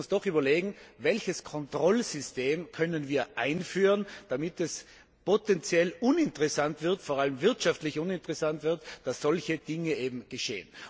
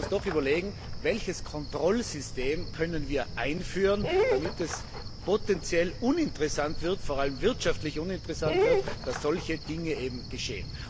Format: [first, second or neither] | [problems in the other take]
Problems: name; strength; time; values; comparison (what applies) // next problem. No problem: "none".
first | background sound (Cricket + Dog); 3 dB below the speech